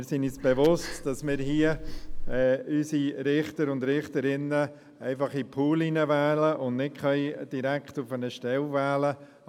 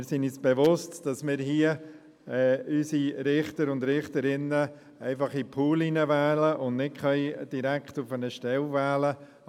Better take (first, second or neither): second